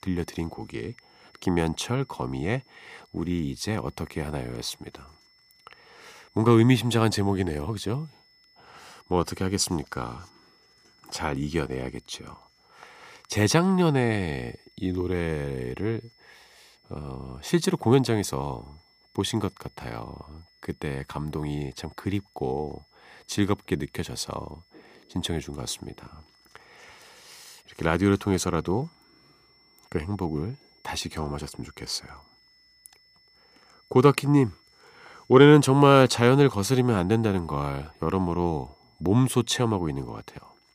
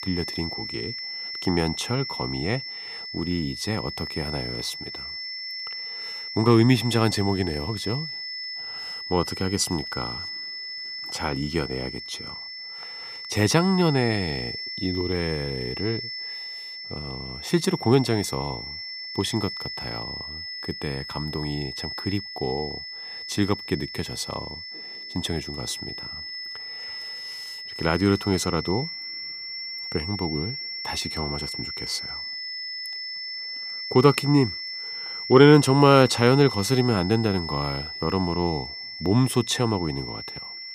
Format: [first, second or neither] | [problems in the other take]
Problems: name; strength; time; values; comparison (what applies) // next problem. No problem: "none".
first | high-pitched whine; loud; throughout; 5.5 kHz, 8 dB below the speech; faint in the first